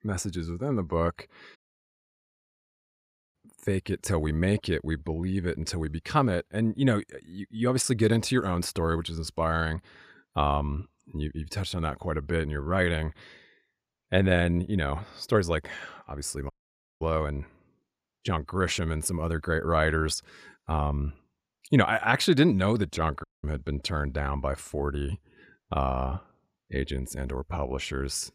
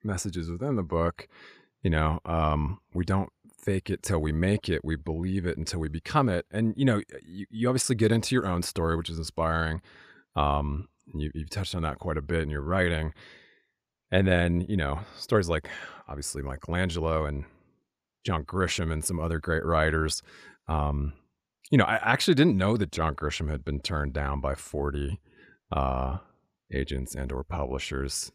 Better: second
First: audio cutting out; at 1.5 s for 2 s, at 17 s for 0.5 s and at 23 s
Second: none

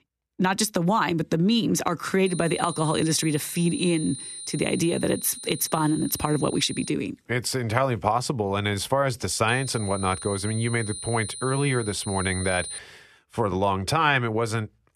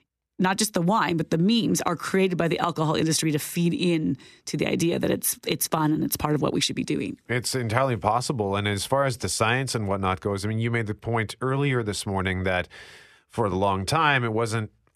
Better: second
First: high-pitched whine; loud; from 2.5 to 7 s and from 9.5 to 13 s; 9.5 kHz, 10 dB below the speech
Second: none

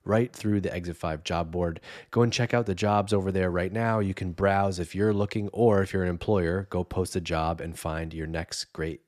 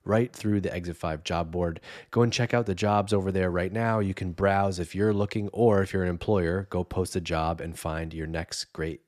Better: neither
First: none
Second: none

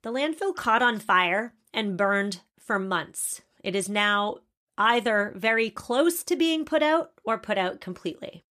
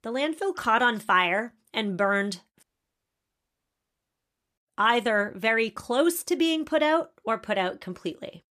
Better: first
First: none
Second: audio cutting out; at 2.5 s for 2 s

